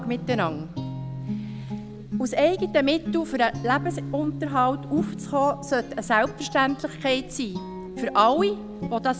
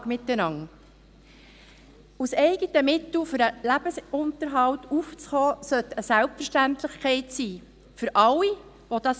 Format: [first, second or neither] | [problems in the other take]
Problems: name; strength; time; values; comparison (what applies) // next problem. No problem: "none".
second | background sound (Guitar); 8 dB below the speech